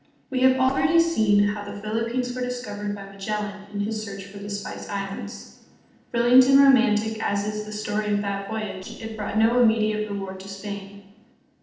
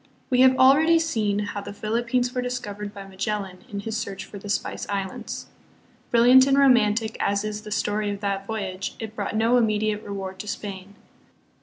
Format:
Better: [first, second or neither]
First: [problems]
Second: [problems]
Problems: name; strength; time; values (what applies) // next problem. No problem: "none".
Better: second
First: noise reduction (neural separator model SepFormer DNS4)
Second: none